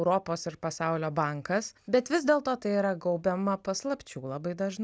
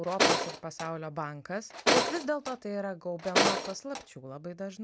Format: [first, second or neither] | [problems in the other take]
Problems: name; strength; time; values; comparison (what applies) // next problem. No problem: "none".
first | background sound (Tools); 4 dB above the speech